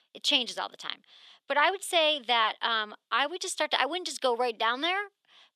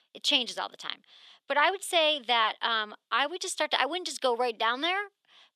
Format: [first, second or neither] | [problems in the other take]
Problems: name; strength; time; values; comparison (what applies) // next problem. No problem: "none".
neither | thin; somewhat; fading below 500 Hz; the same in both